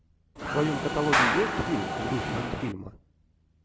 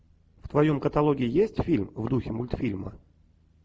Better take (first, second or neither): second